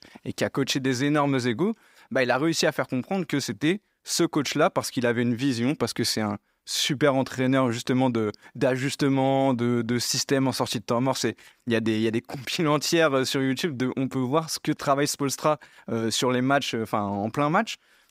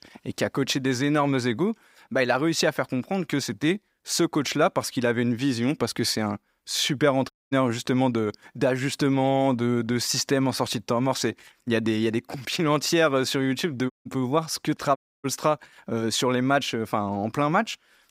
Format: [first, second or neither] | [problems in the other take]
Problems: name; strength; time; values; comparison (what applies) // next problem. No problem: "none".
first | audio cutting out; at 7.5 s, at 14 s and at 15 s